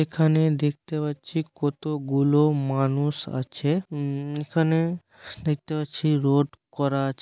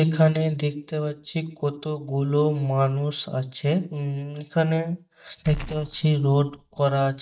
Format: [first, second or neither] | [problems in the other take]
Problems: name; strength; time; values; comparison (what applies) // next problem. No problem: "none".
first | noise reduction (neural mask model DeepFilterNet 3)